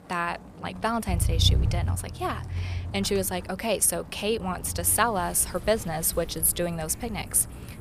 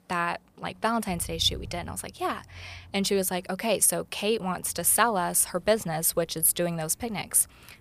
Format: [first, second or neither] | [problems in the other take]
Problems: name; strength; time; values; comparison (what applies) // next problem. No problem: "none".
second | traffic noise; loud; throughout; 6 dB below the speech; faint in the second